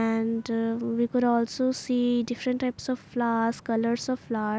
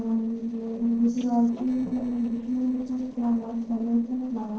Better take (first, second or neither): first